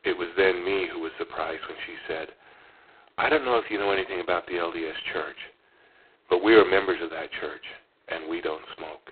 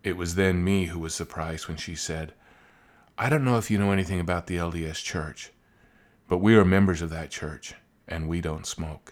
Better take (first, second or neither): second